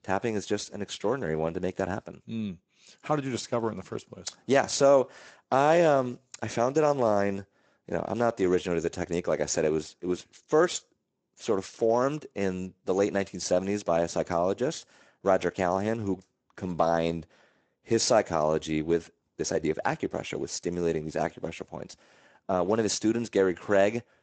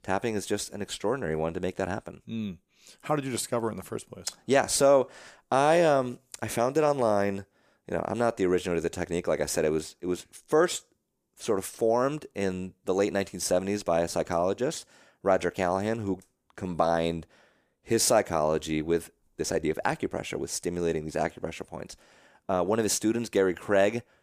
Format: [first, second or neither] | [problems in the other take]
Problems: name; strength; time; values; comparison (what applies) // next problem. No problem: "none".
second | garbled, watery; slightly; nothing above 7.5 kHz